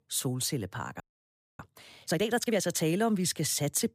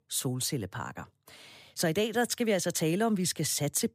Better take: second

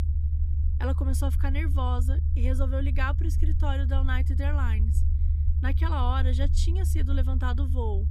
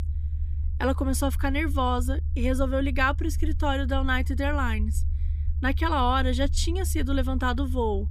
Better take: second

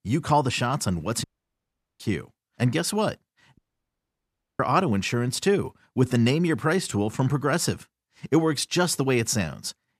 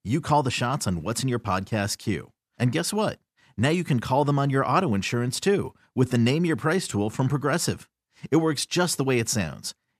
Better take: second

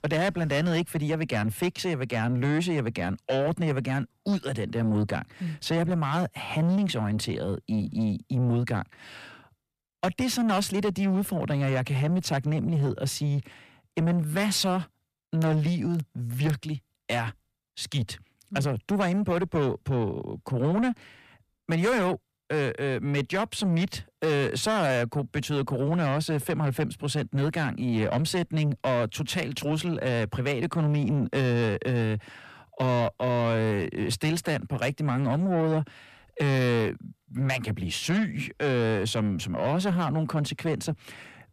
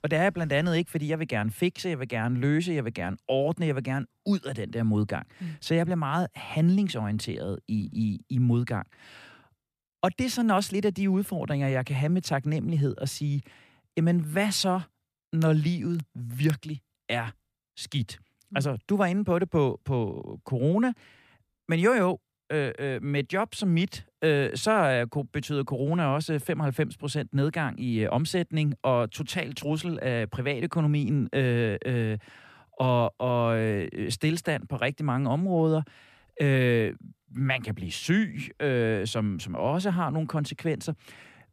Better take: second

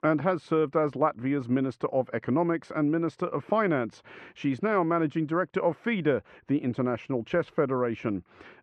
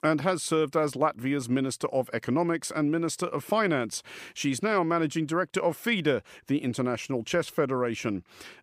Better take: second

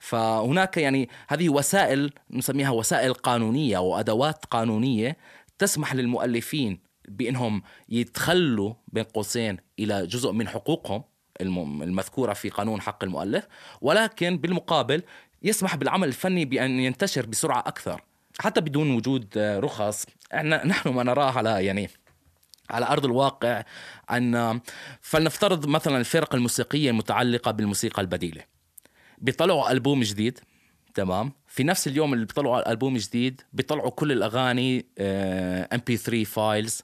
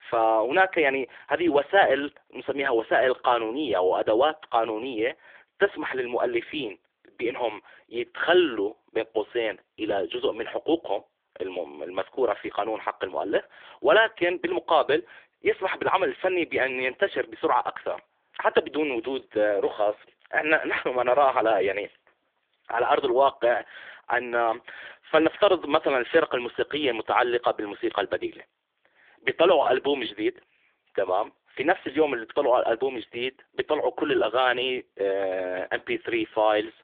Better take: first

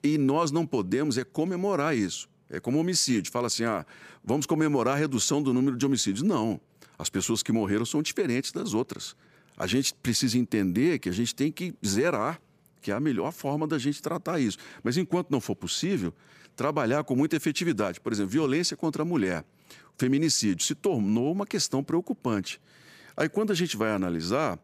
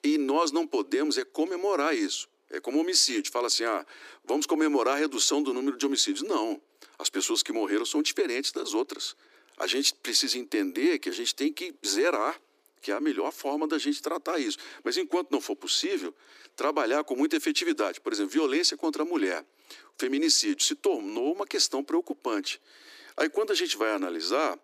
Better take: first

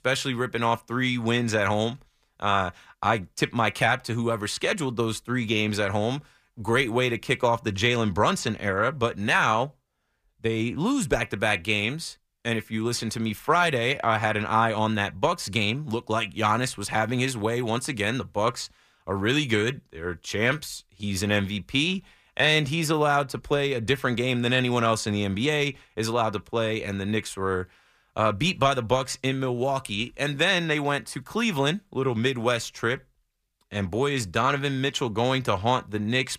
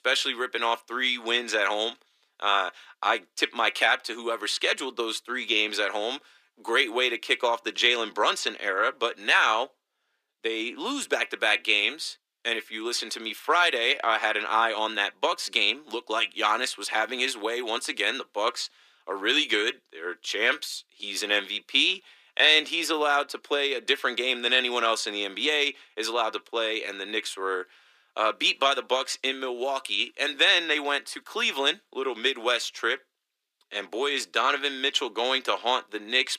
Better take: first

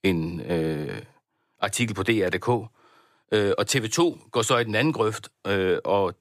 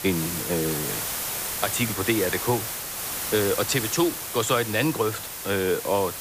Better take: first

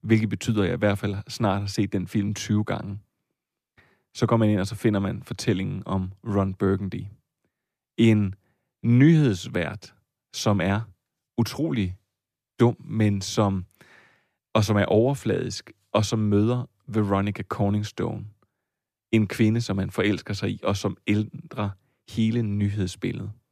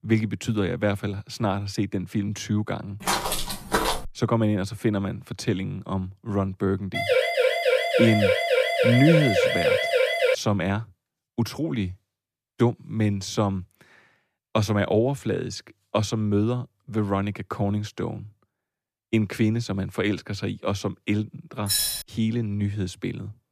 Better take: first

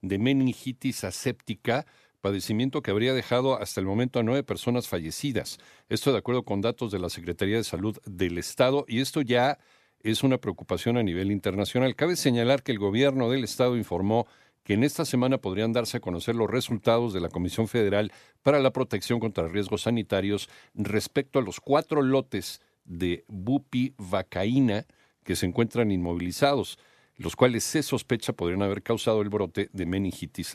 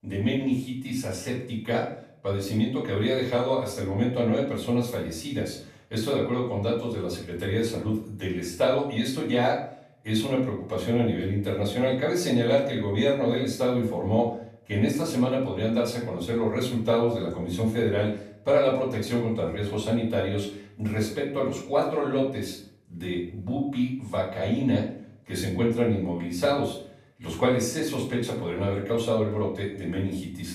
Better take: first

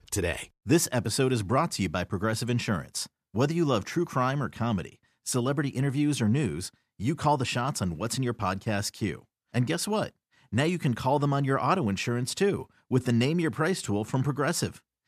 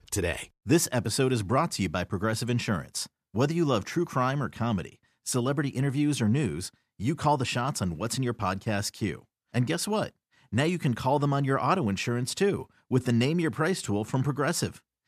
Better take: neither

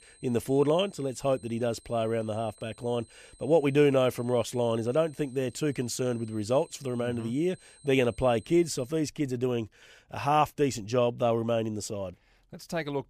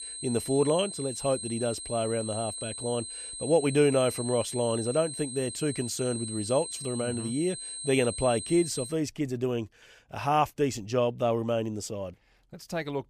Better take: first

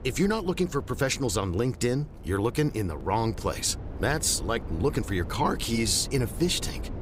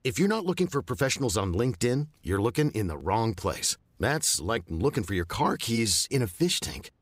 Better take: second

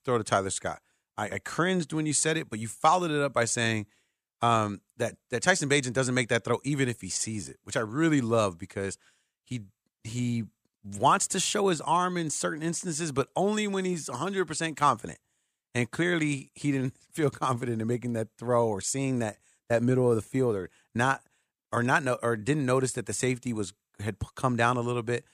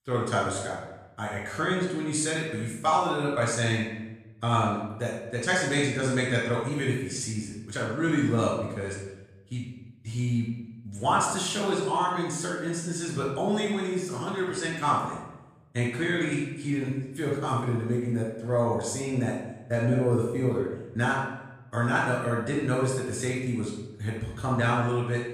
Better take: first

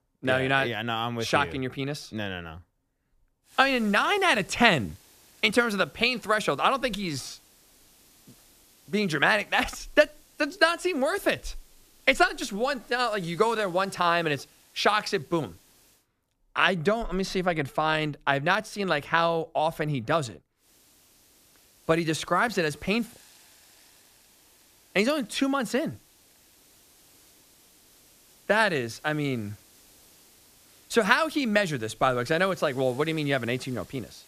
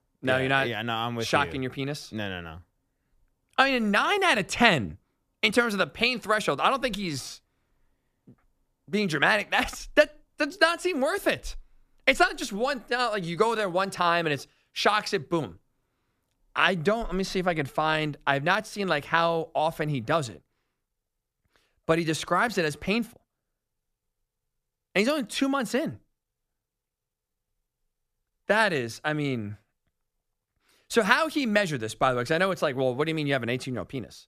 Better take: second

